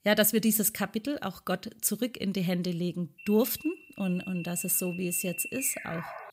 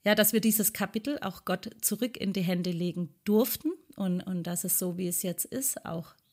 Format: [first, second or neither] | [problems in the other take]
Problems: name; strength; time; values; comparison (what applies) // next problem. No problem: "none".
second | alarm; noticeable; from 3 s on; peak 8 dB below the speech